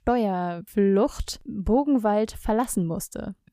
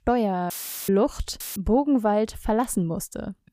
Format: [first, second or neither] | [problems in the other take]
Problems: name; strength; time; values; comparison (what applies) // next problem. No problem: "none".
first | audio cutting out; filled with static; at 0.5 s and at 1.5 s